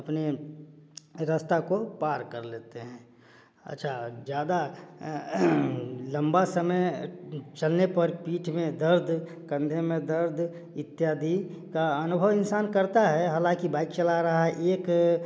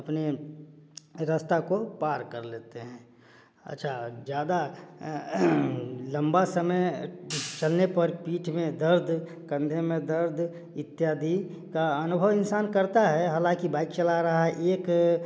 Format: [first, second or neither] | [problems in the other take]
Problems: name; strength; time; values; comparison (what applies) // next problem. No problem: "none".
first | background sound (Hi-hat); 14 dB below the speech